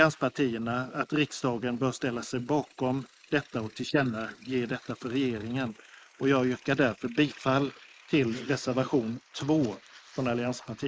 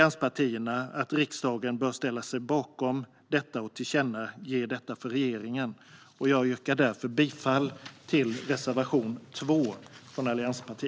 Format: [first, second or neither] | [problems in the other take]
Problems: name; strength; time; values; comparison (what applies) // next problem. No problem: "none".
second | noise reduction (neural mask model Resemble Enhance denoiser)